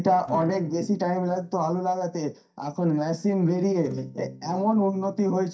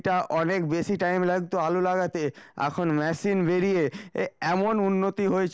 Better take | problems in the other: second | noise reduction (neural mask model DeepFilterNet 3)

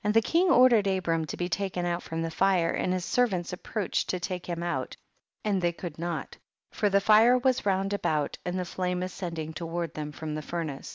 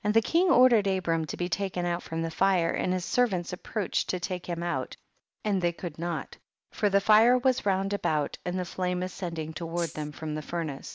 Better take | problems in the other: first | background sound (Rattle (instrument)); 13 dB below the speech

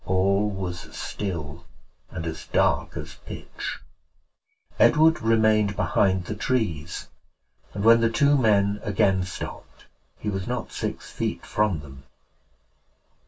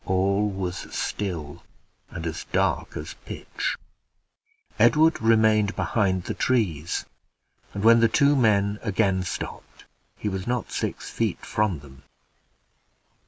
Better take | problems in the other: second | room echo; dies away in 0.1 s

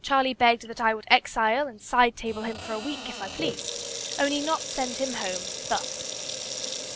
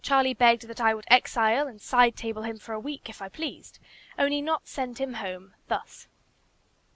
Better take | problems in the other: second | background sound (Sink (filling or washing) / Water tap, faucet); 8 dB below the speech

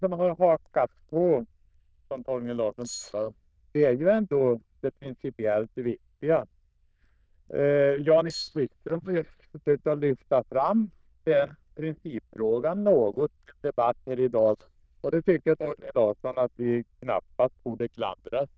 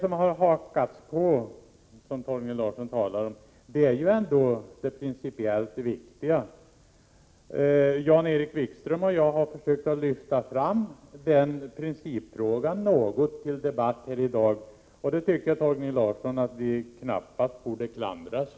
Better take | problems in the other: second | noise reduction (neural diffusion model UNIVERSE++)

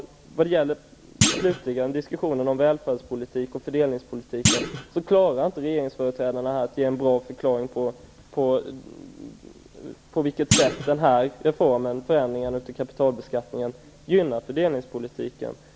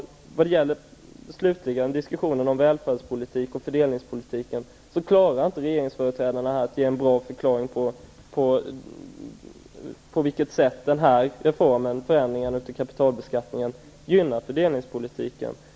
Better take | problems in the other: second | background sound (Thump, thud); 2 dB below the speech

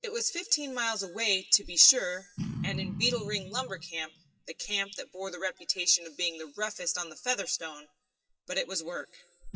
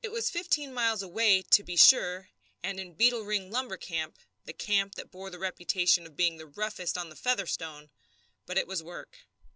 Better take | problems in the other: second | noise reduction (classical method WPE with log-MMSE)

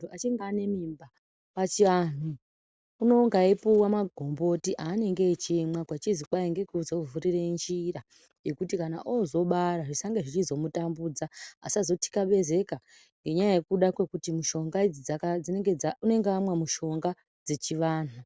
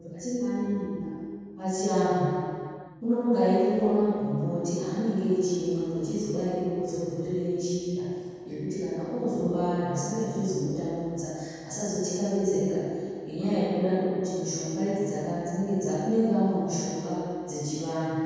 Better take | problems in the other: first | room echo; dies away in 2.1 s

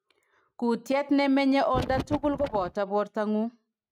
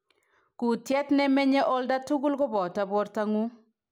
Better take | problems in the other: second | noise reduction (neural mask model RNNoise)

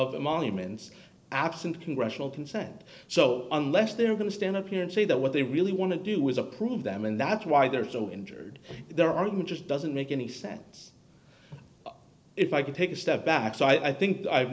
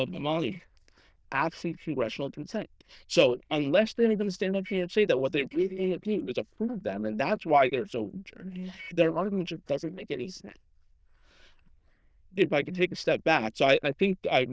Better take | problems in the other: first | noise reduction (neural diffusion model UNIVERSE++)

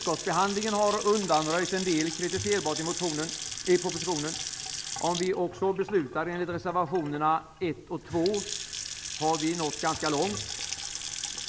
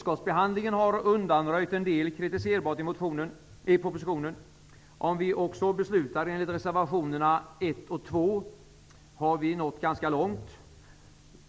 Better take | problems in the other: second | background sound (Sink (filling or washing) / Water tap, faucet / Splash, splatter); 7 dB below the speech

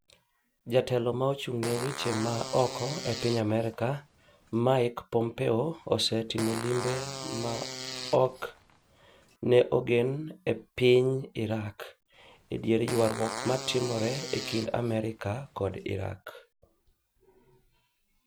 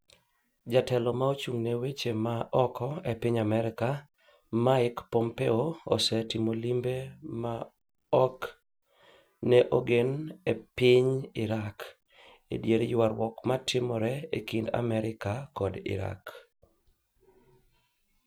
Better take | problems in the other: second | background sound (Fart); 10 dB below the speech

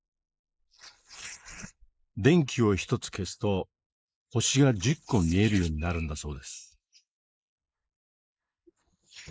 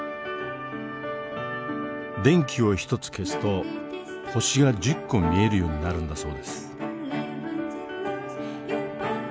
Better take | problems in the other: second | noise reduction (neural mask model Resemble Enhance denoiser)

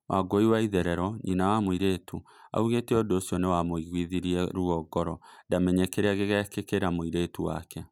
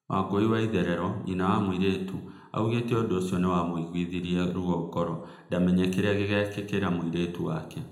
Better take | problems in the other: first | room echo; dies away in 0.8 s

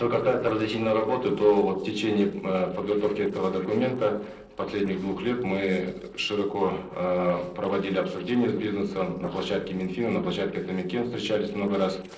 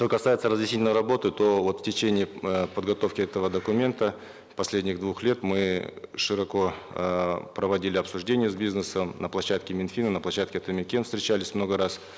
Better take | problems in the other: second | noise reduction (neural separator model SepFormer DNS4)

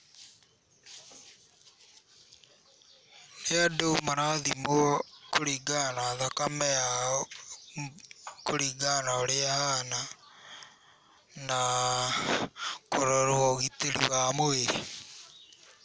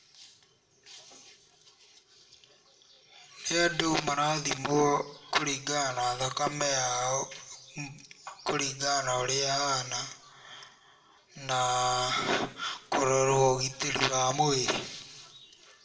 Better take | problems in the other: first | room echo; dies away in 0.7 s

